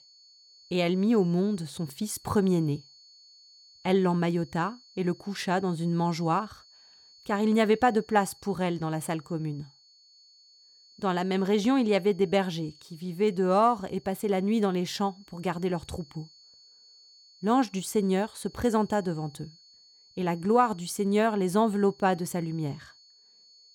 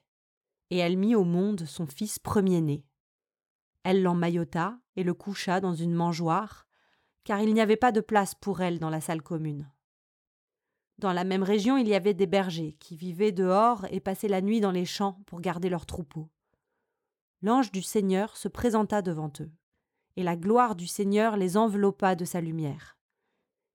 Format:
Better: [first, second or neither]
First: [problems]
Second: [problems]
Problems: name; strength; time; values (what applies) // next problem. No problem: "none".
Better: second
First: high-pitched whine; faint; throughout; 4.5 kHz, 25 dB below the speech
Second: none